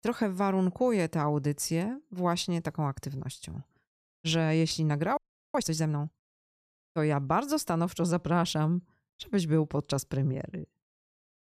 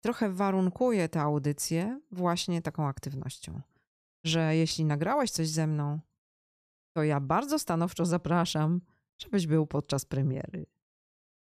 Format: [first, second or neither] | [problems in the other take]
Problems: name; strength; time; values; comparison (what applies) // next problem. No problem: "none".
second | audio freezing; at 5 s